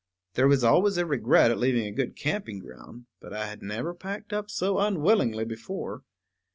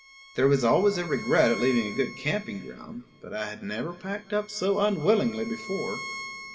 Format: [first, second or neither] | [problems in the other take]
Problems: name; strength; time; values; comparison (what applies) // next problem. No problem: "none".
first | background sound (Bowed string instrument); 14 dB below the speech // room echo; dies away in 2.3 s